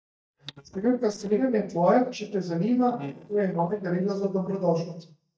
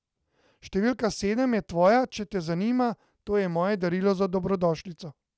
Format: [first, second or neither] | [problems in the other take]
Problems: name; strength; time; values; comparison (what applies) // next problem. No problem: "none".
second | noise reduction (neural mask model DeepFilterNet 3)